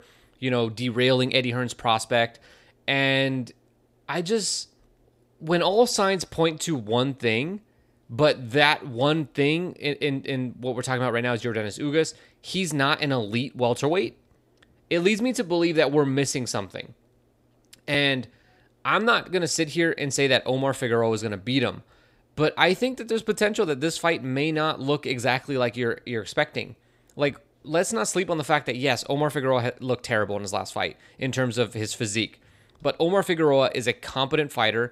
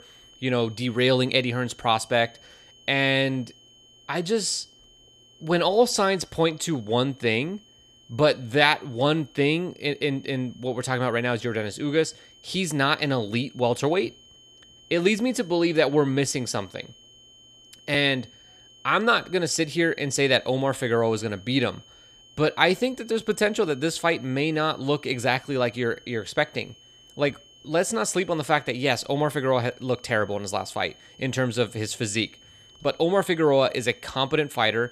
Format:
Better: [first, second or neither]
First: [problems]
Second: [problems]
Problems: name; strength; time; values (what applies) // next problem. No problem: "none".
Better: first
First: none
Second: high-pitched whine; faint; throughout; 3 kHz, 25 dB below the speech